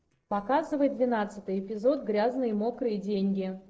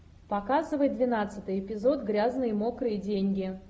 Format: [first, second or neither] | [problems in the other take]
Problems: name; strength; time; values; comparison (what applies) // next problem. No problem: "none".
second | noise reduction (neural separator model SepFormer DNS4)